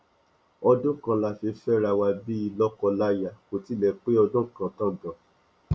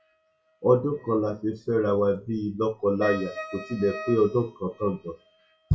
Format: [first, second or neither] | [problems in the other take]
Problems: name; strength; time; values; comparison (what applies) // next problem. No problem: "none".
first | noise reduction (classical method WPE with log-MMSE)